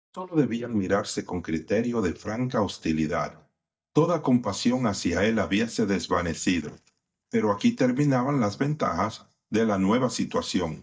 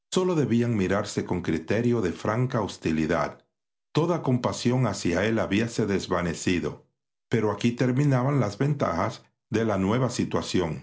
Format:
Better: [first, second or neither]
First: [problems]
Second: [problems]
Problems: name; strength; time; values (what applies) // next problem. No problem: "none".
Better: second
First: noise reduction (neural mask model DeepFilterNet 3)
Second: none